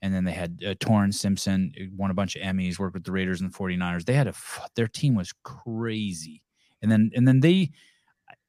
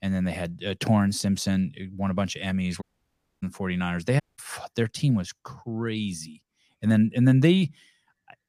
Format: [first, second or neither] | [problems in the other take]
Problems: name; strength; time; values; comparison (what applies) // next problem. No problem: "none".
first | audio cutting out; at 3 s for 0.5 s and at 4 s